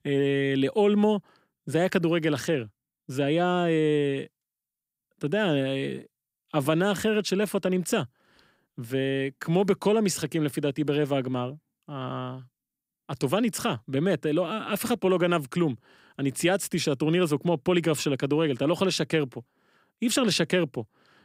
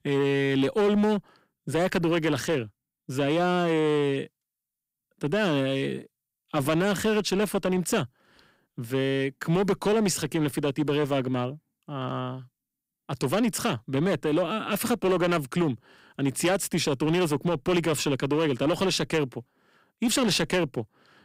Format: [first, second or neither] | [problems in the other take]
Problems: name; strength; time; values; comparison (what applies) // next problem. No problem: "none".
first | distortion; slight; 8% of the sound clipped